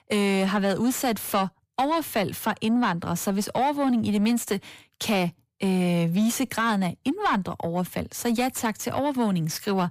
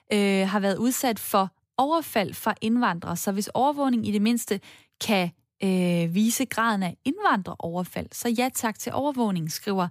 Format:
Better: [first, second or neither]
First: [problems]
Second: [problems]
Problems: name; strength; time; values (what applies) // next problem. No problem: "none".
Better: second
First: distortion; slight; 10 dB below the speech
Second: none